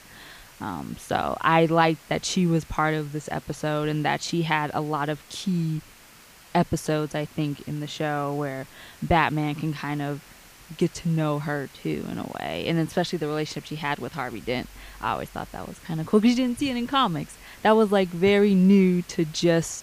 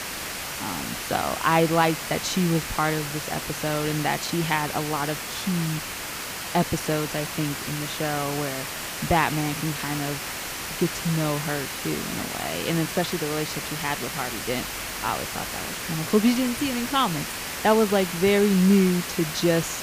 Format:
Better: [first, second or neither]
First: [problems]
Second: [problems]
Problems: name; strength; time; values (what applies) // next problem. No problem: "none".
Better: first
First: hiss; faint; throughout; 25 dB below the speech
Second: hiss; loud; throughout; 5 dB below the speech